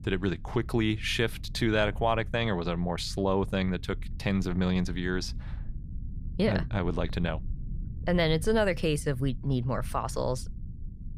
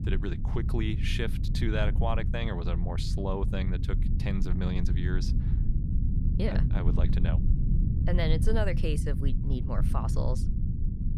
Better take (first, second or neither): first